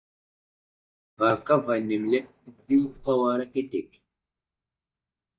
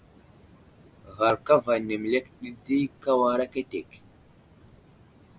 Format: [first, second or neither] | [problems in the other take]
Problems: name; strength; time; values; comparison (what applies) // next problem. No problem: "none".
second | noise reduction (neural mask model DeepFilterNet 3)